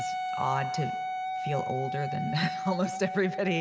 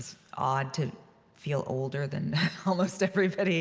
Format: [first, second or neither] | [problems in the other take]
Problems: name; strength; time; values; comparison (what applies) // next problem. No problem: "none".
second | background sound (Wind instrument, woodwind instrument); 3 dB below the speech